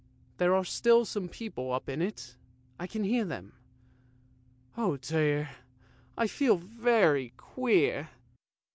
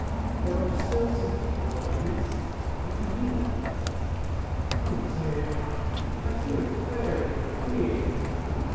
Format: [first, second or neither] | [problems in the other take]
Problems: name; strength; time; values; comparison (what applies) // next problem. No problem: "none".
first | background sound (Rain); 5 dB above the speech // room echo; dies away in 2 s